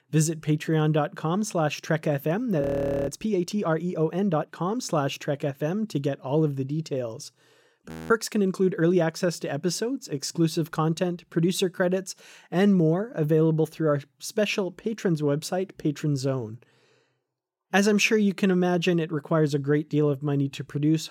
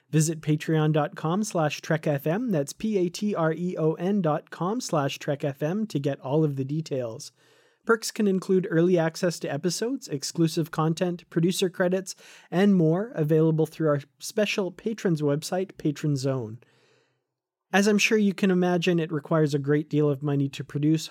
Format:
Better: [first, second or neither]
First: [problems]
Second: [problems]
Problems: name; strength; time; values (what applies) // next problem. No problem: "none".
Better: second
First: audio freezing; at 2.5 s and at 8 s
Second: none